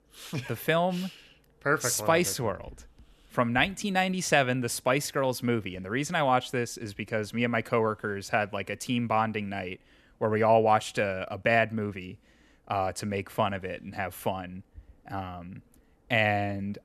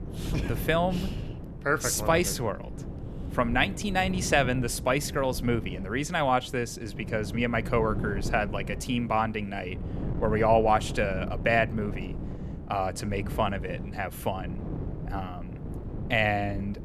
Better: first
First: none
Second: wind noise on the microphone; occasional gusts; 15 dB below the speech

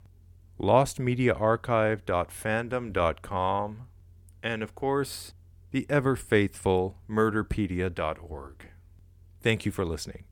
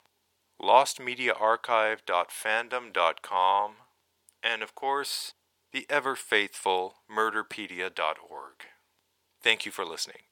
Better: first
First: none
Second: thin; very; fading below 650 Hz

